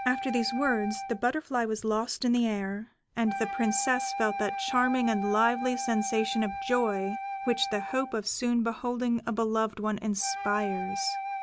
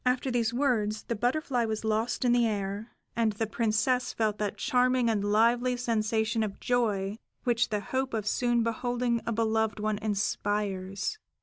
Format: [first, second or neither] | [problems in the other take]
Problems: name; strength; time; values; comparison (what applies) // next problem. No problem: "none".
second | background sound (Wind instrument, woodwind instrument); 8 dB below the speech